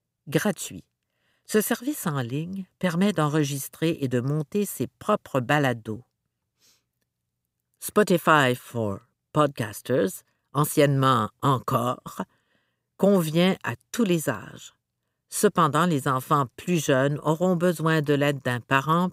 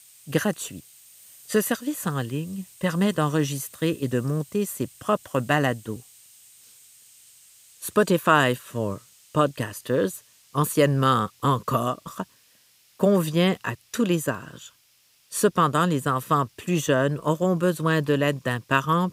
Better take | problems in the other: first | hiss; faint; throughout; 25 dB below the speech

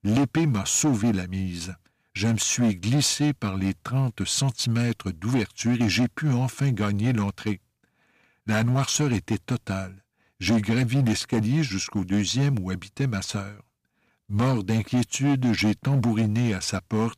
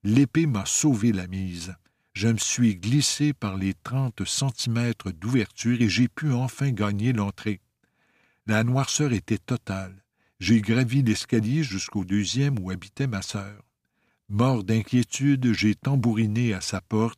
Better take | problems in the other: second | distortion; slight; 8% of the sound clipped

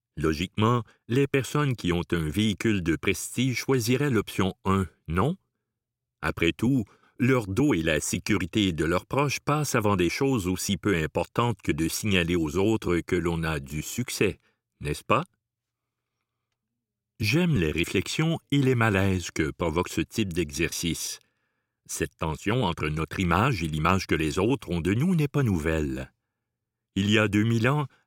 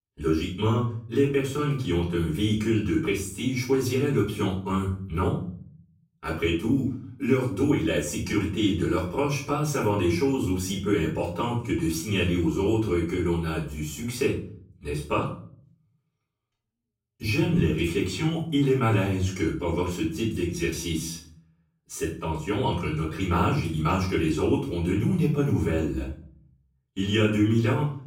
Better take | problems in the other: first | off-mic speech; far // room echo; noticeable; dies away in 0.5 s

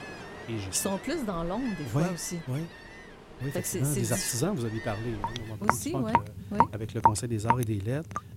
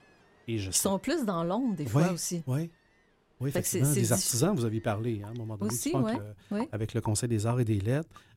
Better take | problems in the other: second | rain or running water; loud; throughout; 1 dB below the speech; faint in the second

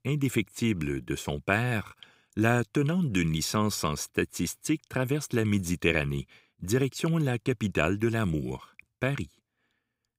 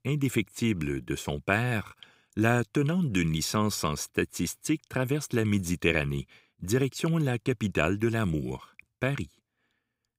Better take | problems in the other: neither | none

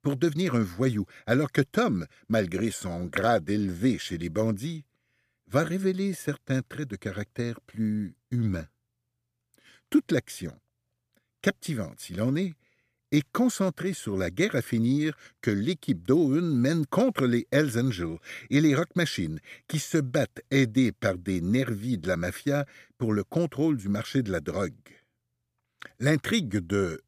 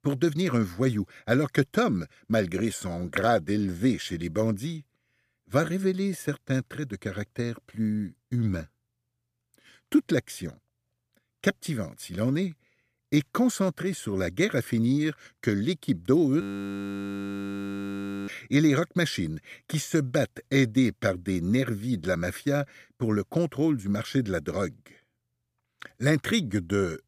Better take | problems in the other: first | audio freezing; at 16 s for 2 s

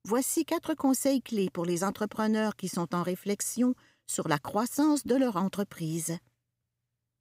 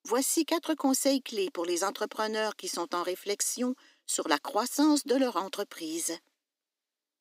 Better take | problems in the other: first | thin; very slightly; fading below 300 Hz

